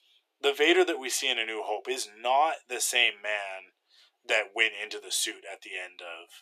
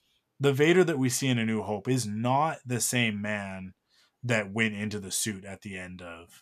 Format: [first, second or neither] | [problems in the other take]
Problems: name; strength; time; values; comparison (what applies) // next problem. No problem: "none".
second | thin; very; fading below 350 Hz